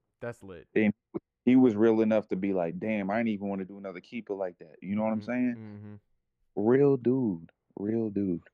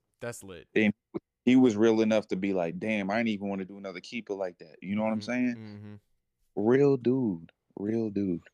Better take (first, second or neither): second